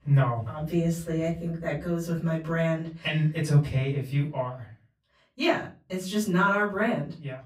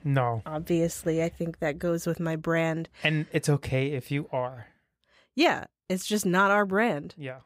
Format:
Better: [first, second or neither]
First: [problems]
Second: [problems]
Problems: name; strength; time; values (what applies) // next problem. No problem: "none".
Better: second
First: room echo; slight; dies away in 0.3 s // off-mic speech; far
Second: none